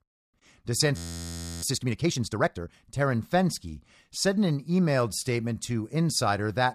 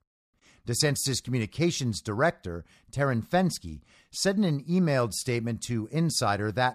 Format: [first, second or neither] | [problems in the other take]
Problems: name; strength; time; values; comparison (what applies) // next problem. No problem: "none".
second | audio freezing; at 1 s for 0.5 s